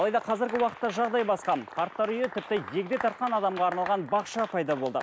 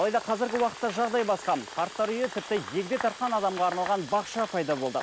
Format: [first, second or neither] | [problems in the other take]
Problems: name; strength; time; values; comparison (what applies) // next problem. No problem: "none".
first | background sound (Fill (with liquid) / Water tap, faucet); 18 dB below the speech